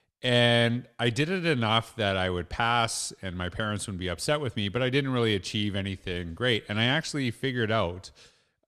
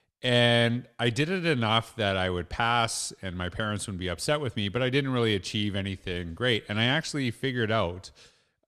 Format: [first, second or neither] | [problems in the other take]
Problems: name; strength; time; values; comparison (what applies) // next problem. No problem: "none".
neither | none